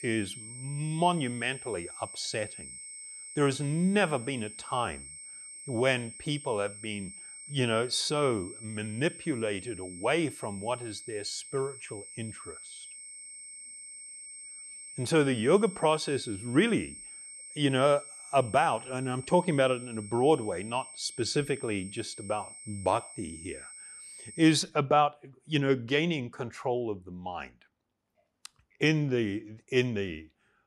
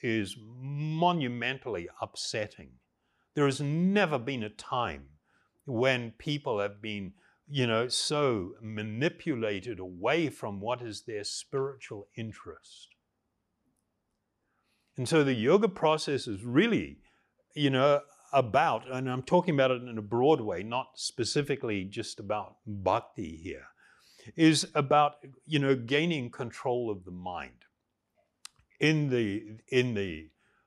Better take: second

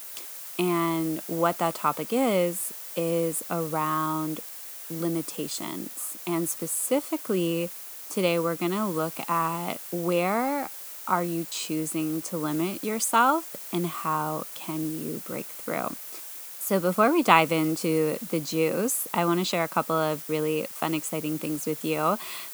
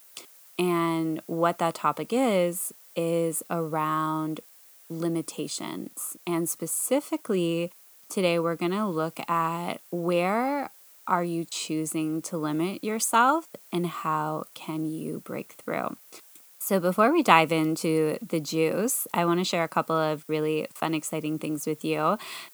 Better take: second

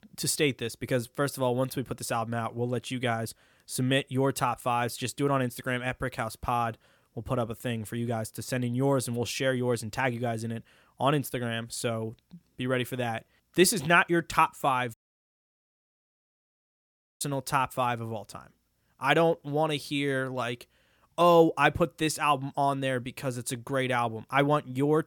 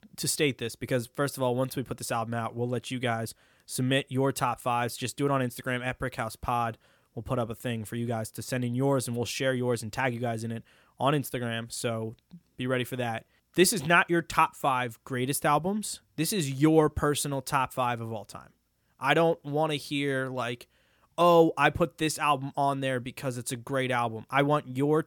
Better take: second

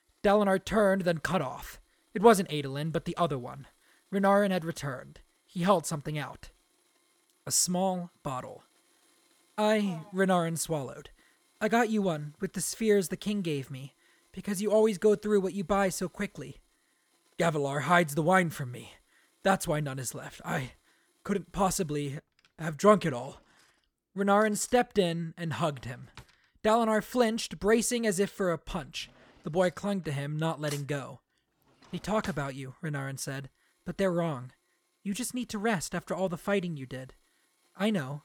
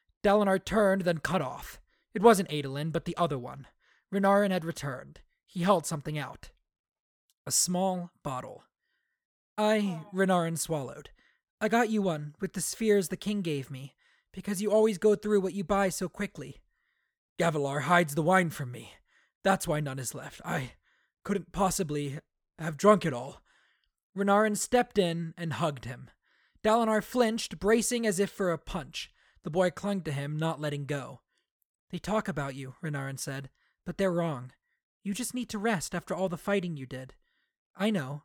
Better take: second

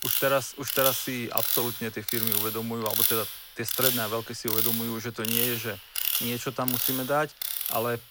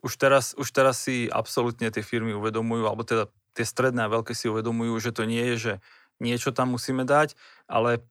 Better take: second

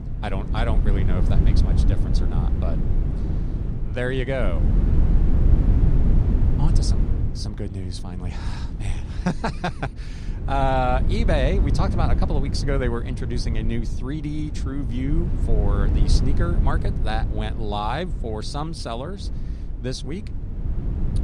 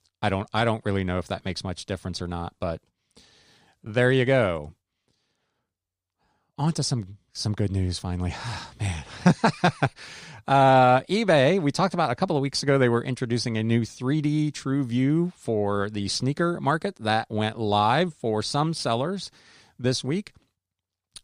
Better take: second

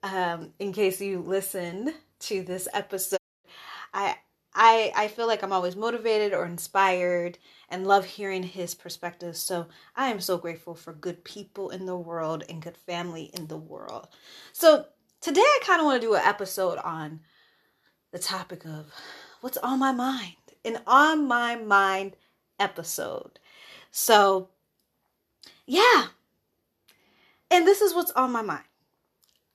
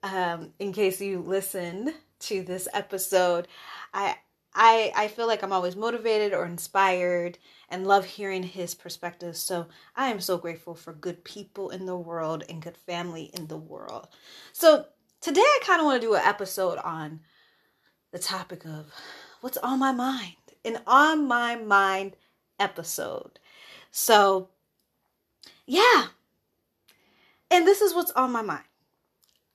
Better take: second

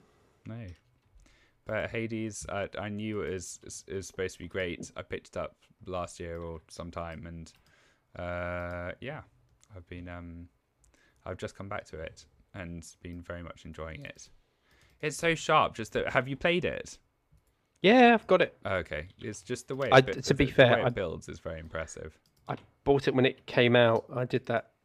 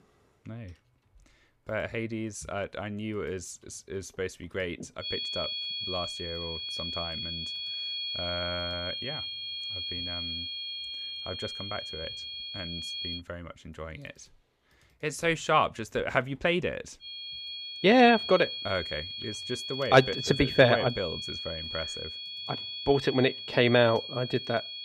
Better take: first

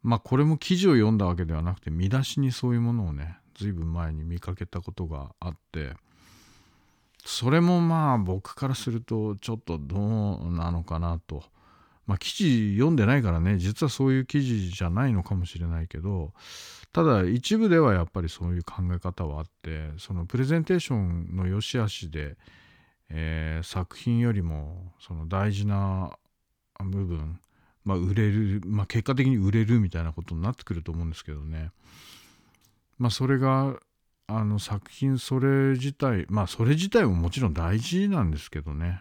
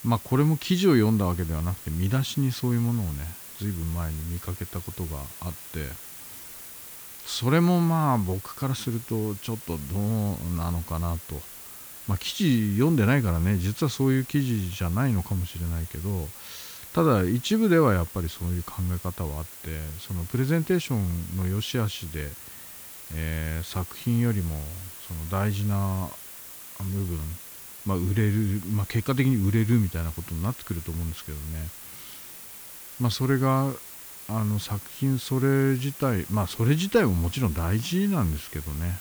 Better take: first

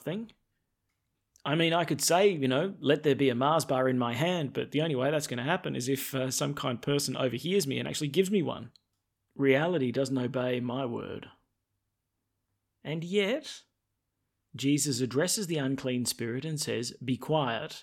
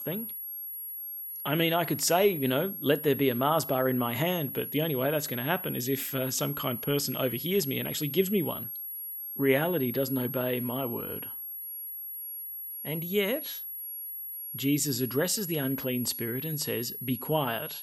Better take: first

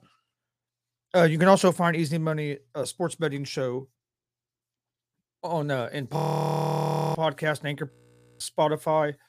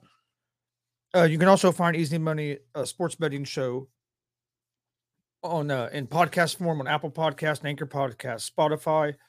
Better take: second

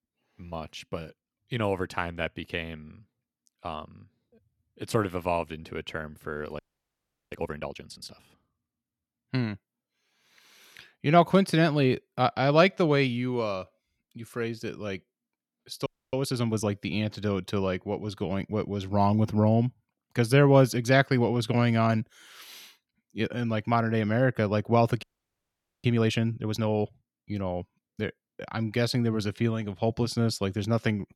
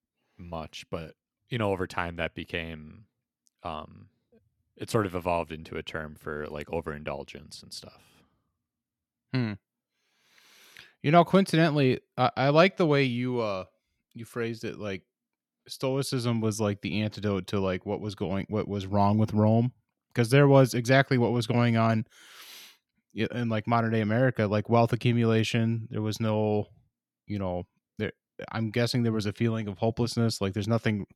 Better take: second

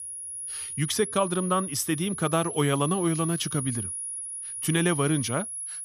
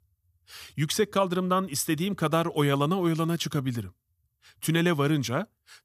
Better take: second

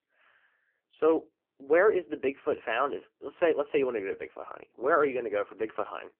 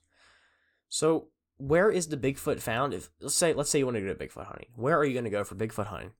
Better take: second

